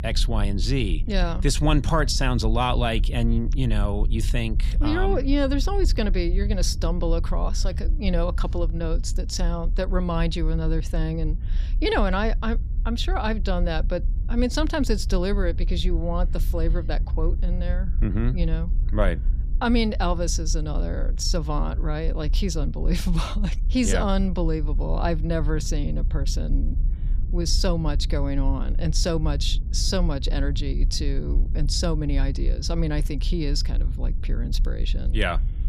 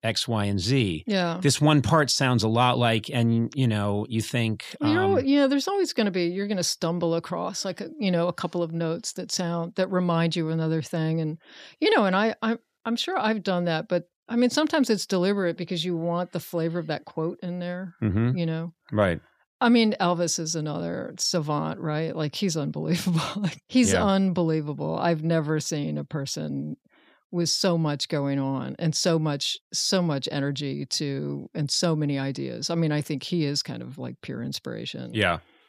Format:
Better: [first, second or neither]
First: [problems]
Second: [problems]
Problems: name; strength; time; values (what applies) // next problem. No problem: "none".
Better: second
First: low rumble; noticeable; throughout; 20 dB below the speech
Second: none